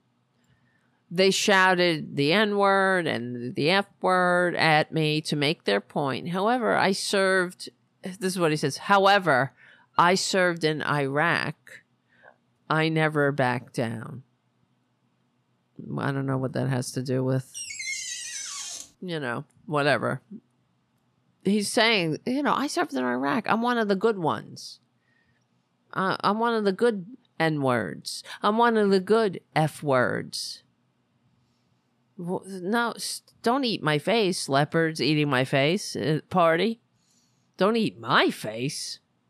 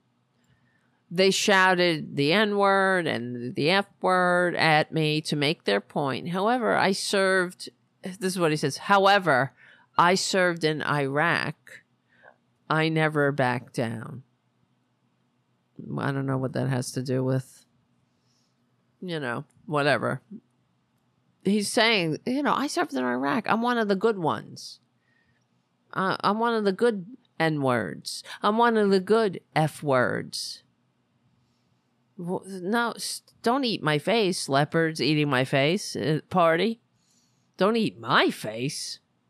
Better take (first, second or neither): second